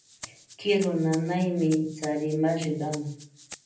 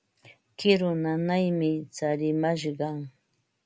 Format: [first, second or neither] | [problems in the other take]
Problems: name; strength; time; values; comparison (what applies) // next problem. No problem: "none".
second | background sound (Rattle (instrument)); 18 dB below the speech // room echo; dies away in 0.6 s